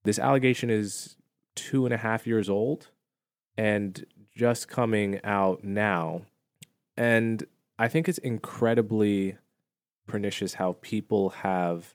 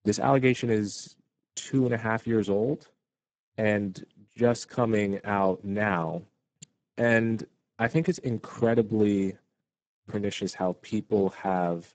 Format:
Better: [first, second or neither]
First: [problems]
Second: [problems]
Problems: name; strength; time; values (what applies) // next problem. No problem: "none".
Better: first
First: none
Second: garbled, watery; badly; nothing above 7.5 kHz